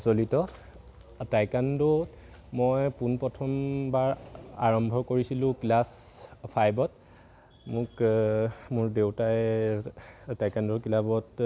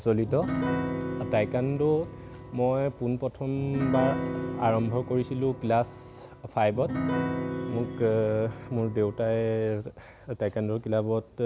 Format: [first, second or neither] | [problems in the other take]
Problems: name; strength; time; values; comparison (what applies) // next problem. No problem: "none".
first | background sound (Piano); 5 dB below the speech